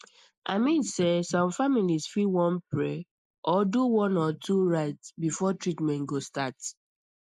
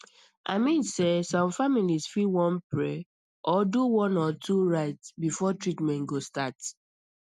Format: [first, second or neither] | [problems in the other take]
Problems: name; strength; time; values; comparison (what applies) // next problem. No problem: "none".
second | noise reduction (neural mask model Resemble Enhance denoiser)